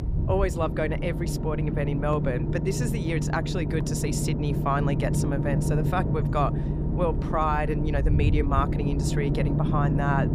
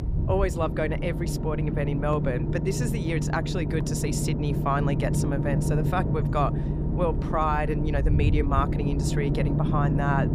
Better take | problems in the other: neither | low rumble; loud; throughout; 6 dB below the speech; the same in both

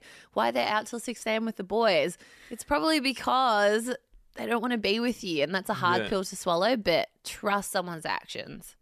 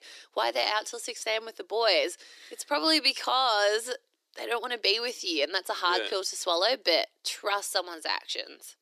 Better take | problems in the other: first | thin; very; fading below 300 Hz

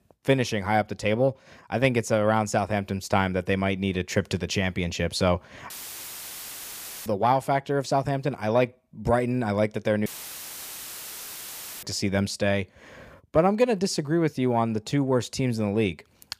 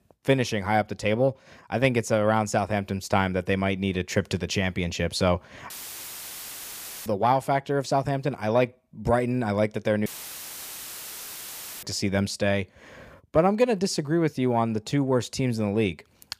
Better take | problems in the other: neither | audio cutting out; filled with static; at 5.5 s for 1.5 s and at 10 s for 2 s; the same in both

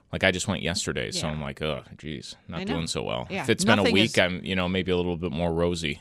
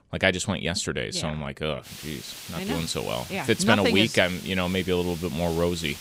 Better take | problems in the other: first | hiss; noticeable; from 2 s on; 15 dB below the speech

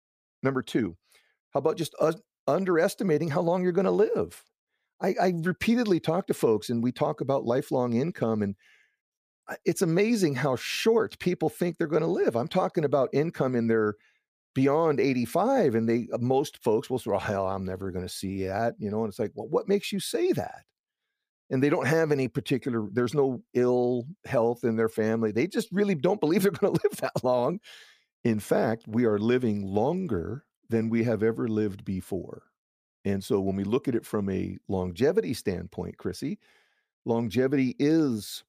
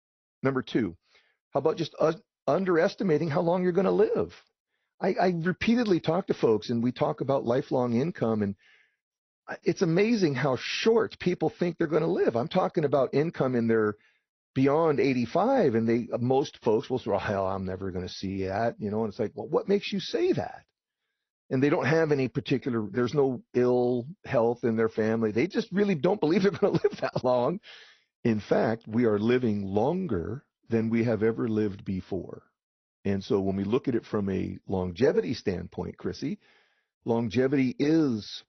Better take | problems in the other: first | garbled, watery; slightly; nothing above 6 kHz

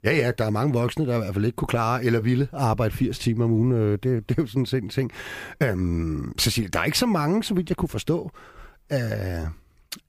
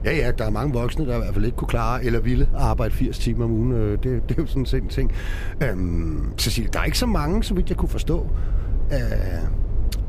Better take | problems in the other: first | low rumble; noticeable; throughout; 15 dB below the speech

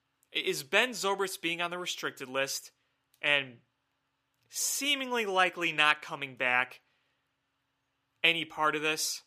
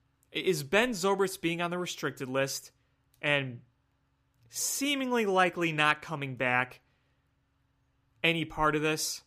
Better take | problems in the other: second | thin; very slightly; fading below 550 Hz

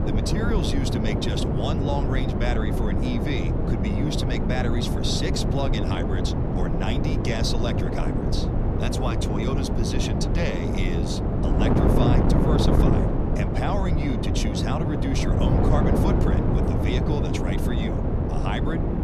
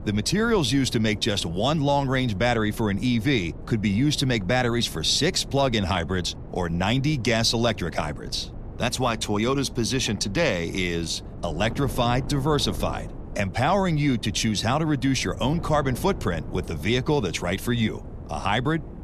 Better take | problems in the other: second | wind noise on the microphone; heavy; 2 dB above the speech; occasional gusts in the second

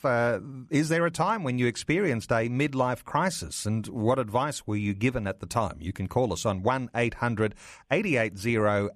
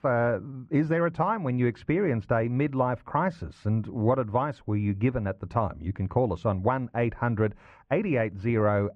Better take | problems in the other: first | muffled; very; fading above 1.5 kHz

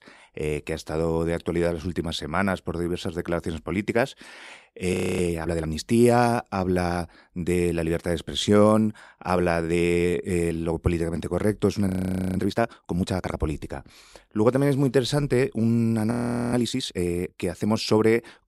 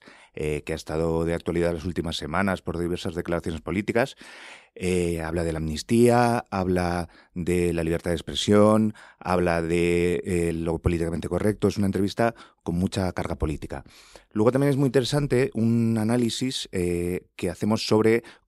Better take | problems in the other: second | audio freezing; at 5 s, at 12 s and at 16 s

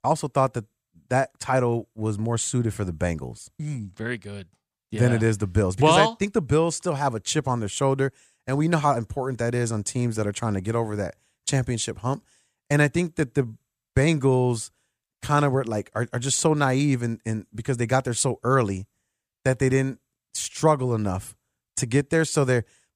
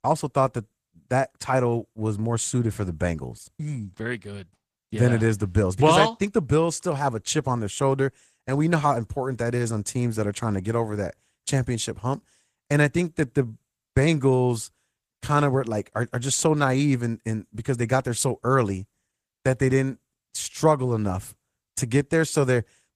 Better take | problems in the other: first | garbled, watery; slightly

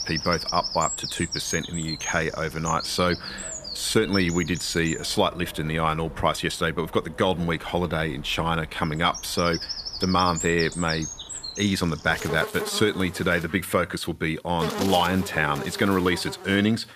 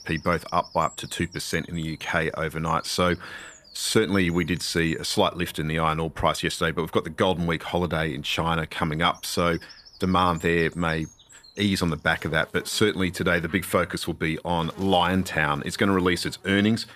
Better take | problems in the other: second | animal sounds; loud; throughout; 8 dB below the speech; faint in the second

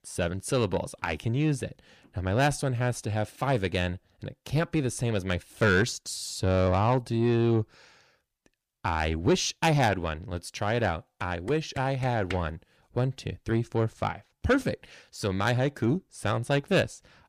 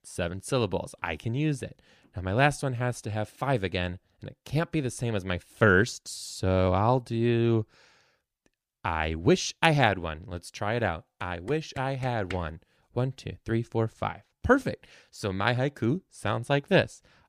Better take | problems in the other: second | distortion; slight; 10 dB below the speech

